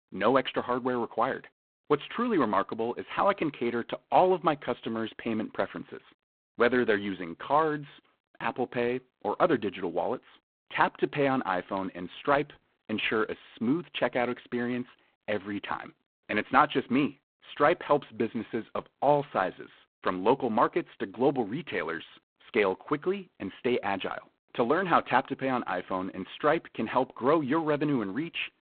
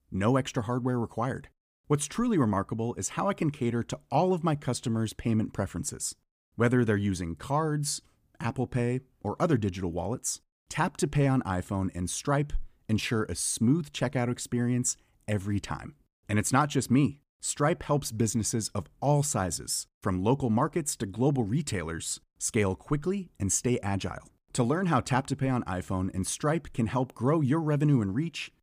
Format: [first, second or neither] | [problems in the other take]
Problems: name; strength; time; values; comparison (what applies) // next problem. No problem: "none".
second | phone-call audio; poor line; nothing above 3.5 kHz